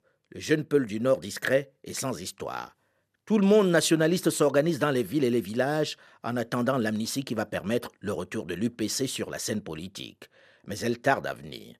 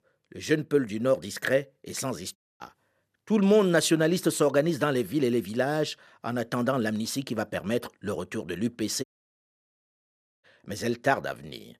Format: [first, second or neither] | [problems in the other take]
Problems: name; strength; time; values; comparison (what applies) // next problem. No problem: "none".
first | audio cutting out; at 2.5 s and at 9 s for 1.5 s